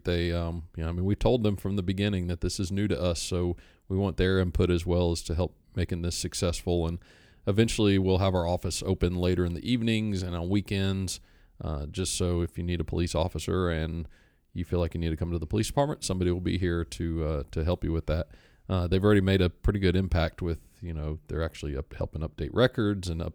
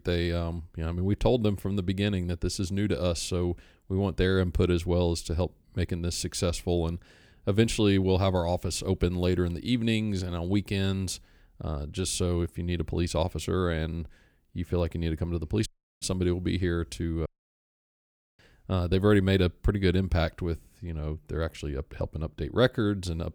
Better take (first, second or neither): first